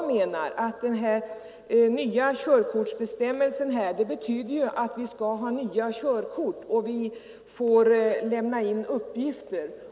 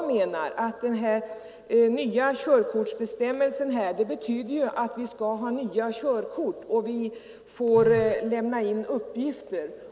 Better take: first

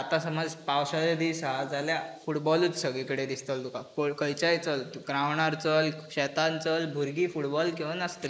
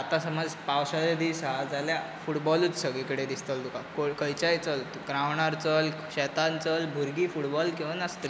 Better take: second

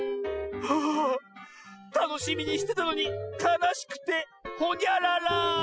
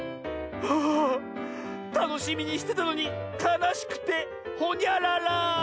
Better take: second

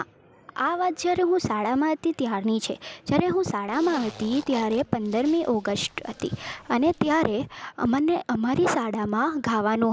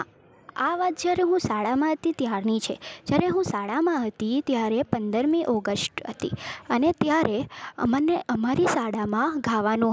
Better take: second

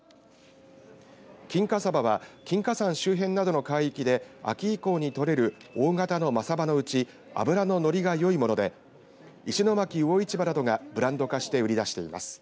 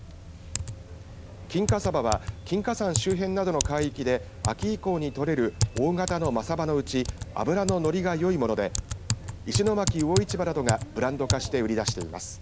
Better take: first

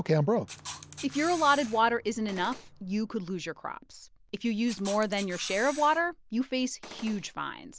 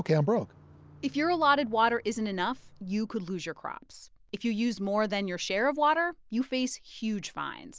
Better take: second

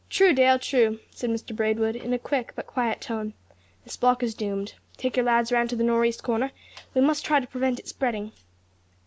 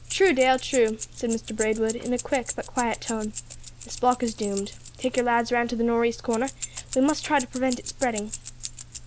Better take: first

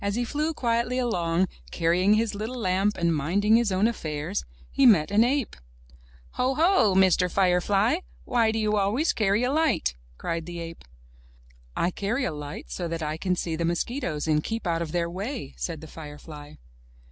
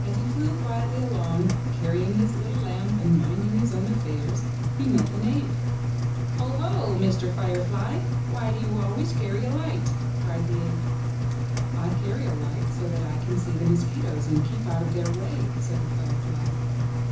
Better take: first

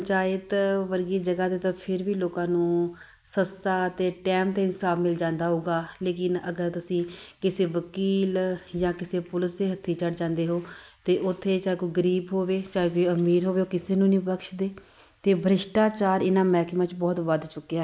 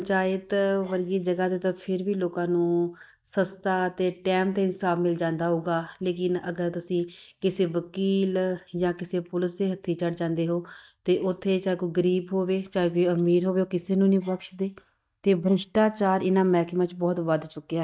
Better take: first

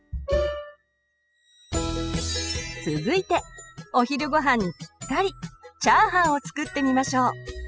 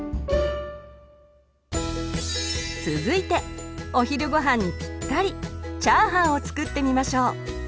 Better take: second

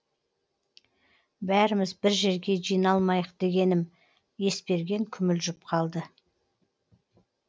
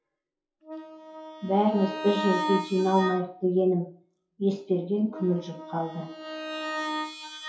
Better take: first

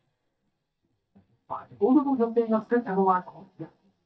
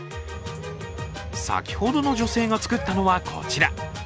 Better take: second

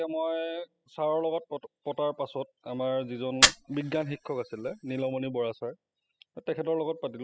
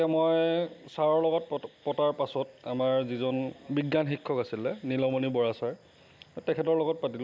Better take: second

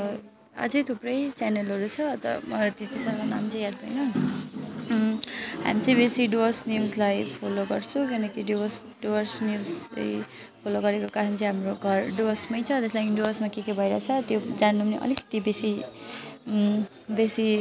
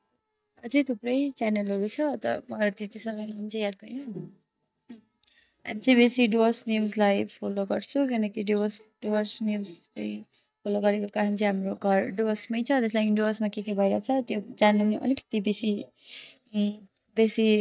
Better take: first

